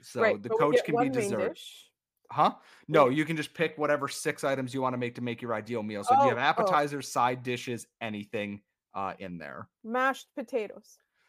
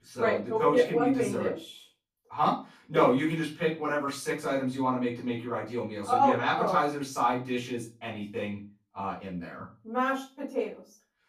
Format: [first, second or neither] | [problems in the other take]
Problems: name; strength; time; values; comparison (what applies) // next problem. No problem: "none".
first | off-mic speech; far // room echo; slight; dies away in 0.3 s